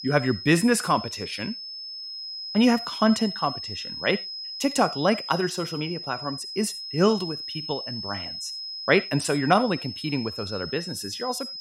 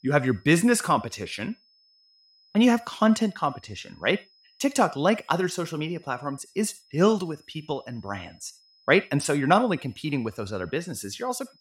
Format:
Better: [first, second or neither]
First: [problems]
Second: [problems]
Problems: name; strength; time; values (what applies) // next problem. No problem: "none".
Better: second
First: high-pitched whine; loud; throughout; 5 kHz, 8 dB below the speech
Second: high-pitched whine; faint; throughout; 5 kHz, 35 dB below the speech